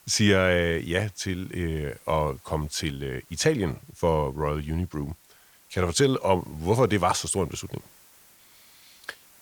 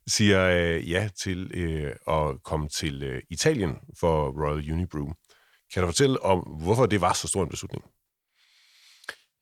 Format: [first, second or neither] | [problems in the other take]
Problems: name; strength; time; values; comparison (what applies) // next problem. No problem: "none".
second | hiss; faint; throughout; 25 dB below the speech